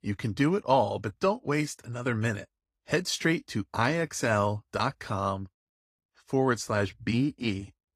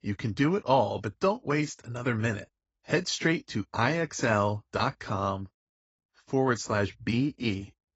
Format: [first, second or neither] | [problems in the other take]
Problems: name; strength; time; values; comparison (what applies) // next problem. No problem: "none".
first | garbled, watery; badly; nothing above 7.5 kHz; slightly in the first